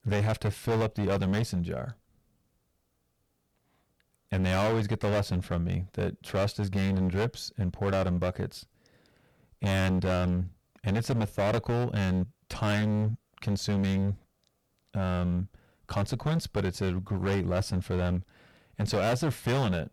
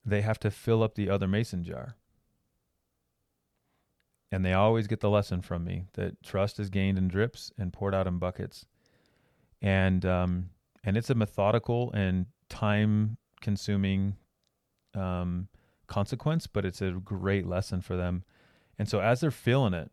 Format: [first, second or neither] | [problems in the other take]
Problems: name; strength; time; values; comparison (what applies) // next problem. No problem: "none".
second | distortion; heavy; 16% of the sound clipped